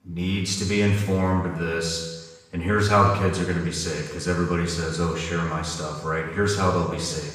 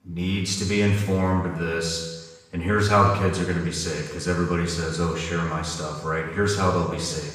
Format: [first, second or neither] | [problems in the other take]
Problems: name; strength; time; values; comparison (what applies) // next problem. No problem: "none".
neither | room echo; noticeable; dies away in 1.1 s; the same in both // off-mic speech; far; the same in both